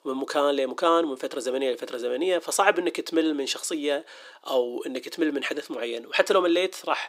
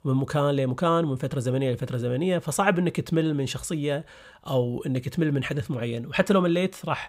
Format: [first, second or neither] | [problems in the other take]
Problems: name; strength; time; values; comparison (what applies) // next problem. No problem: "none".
second | thin; somewhat; fading below 300 Hz